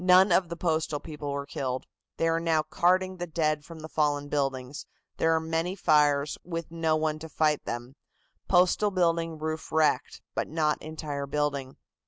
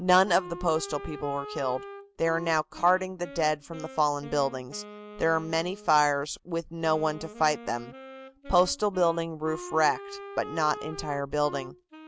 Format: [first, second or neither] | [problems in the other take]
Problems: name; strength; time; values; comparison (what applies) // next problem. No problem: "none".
first | background sound (Wind instrument, woodwind instrument); 15 dB below the speech